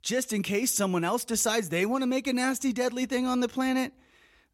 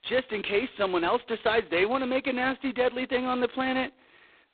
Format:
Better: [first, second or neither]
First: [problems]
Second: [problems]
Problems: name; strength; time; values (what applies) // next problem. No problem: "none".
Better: first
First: none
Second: phone-call audio; poor line; nothing above 4 kHz